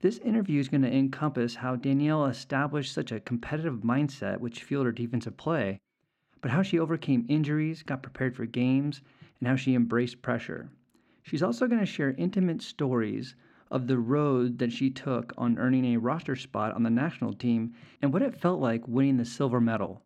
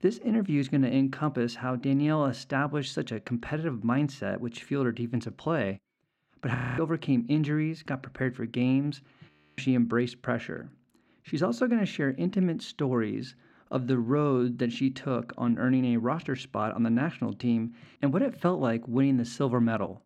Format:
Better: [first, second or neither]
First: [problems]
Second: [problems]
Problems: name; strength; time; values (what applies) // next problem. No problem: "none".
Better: first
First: none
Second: audio freezing; at 6.5 s and at 9.5 s